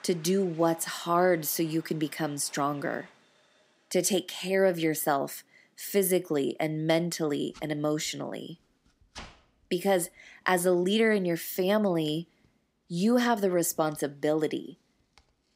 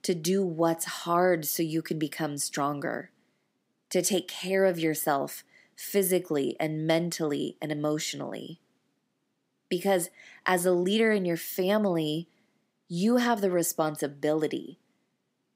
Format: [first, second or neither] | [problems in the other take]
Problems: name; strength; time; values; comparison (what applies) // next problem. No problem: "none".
second | household noises; faint; throughout; 25 dB below the speech